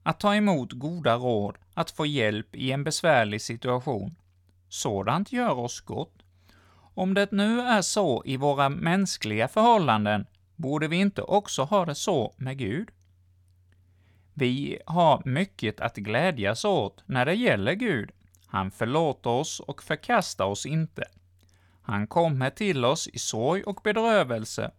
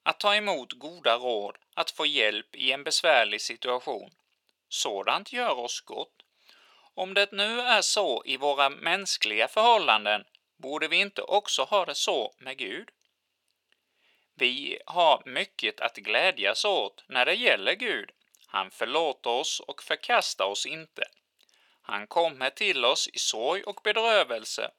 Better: first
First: none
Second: thin; very; fading below 400 Hz

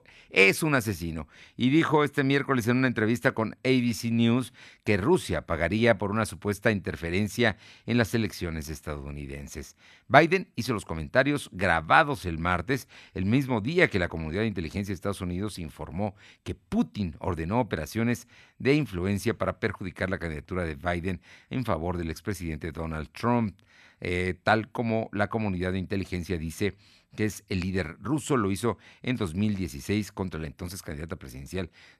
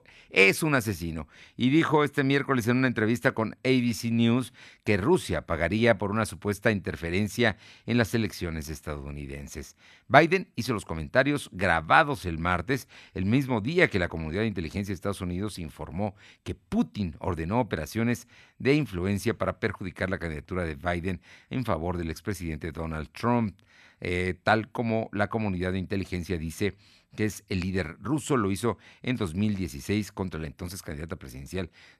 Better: neither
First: none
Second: none

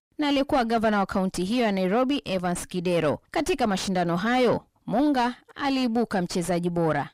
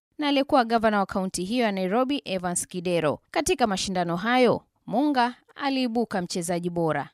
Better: second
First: distortion; slight; 9 dB below the speech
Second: none

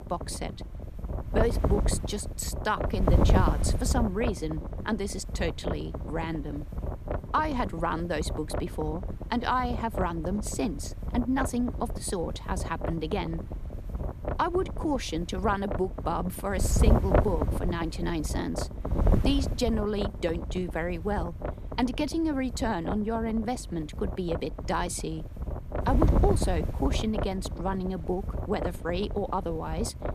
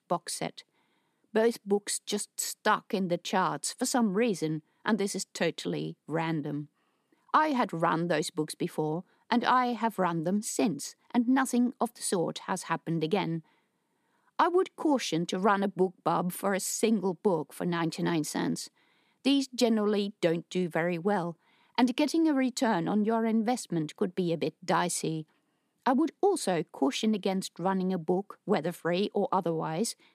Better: second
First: wind noise on the microphone; heavy; 6 dB below the speech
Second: none

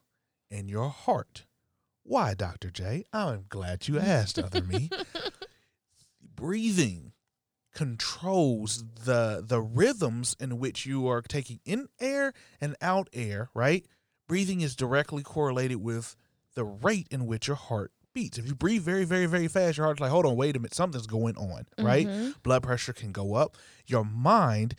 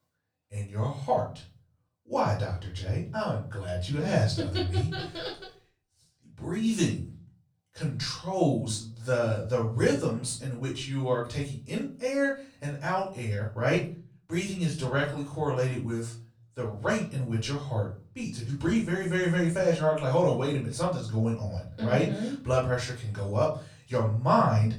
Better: first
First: none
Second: off-mic speech; far // room echo; slight; dies away in 0.4 s

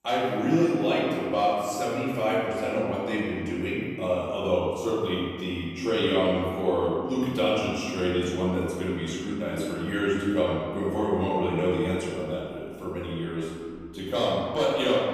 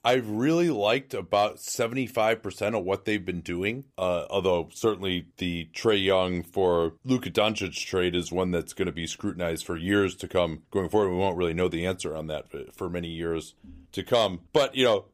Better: second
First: room echo; strong; dies away in 2.1 s // off-mic speech; far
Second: none

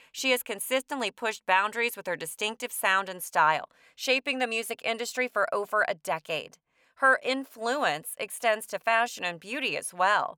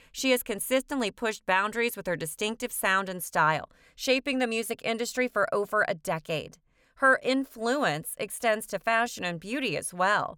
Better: second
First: thin; very slightly; fading below 400 Hz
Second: none

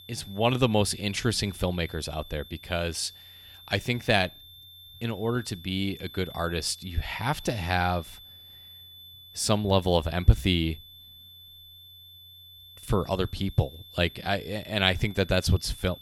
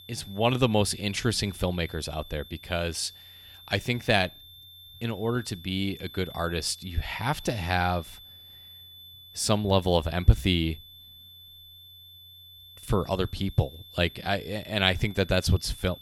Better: neither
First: high-pitched whine; noticeable; throughout; 3.5 kHz, 20 dB below the speech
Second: high-pitched whine; noticeable; throughout; 3.5 kHz, 20 dB below the speech

